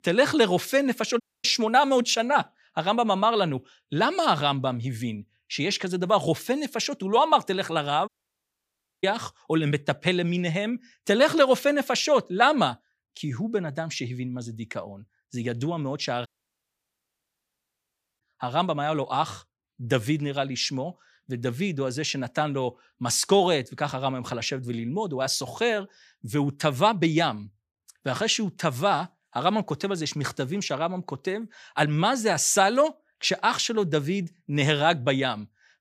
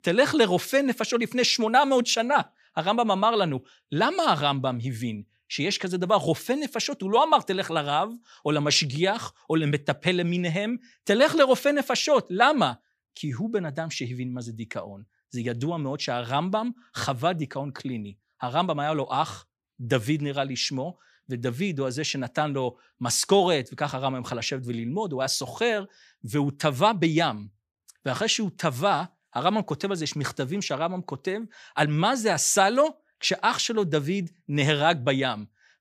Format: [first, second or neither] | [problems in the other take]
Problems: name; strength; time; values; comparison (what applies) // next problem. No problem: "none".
second | audio cutting out; at 1 s, at 8 s for 1 s and at 16 s for 2 s